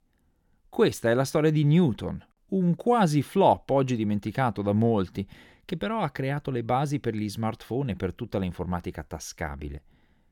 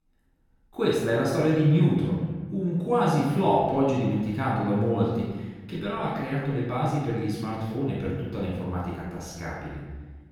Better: first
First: none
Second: room echo; strong; dies away in 1.2 s // off-mic speech; far

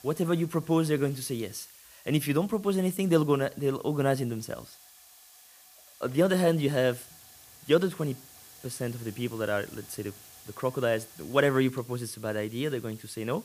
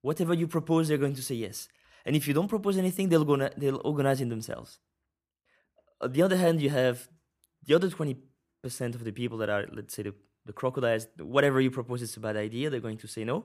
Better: second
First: hiss; faint; throughout; 20 dB below the speech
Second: none

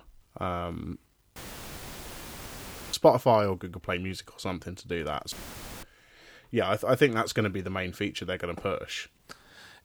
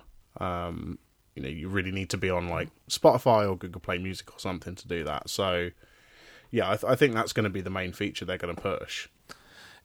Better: second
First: audio cutting out; filled with static; at 1.5 s for 1.5 s and at 5.5 s for 0.5 s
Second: none

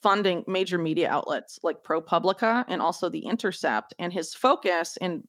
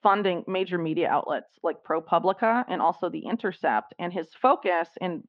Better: first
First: none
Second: muffled; very; fading above 3 kHz

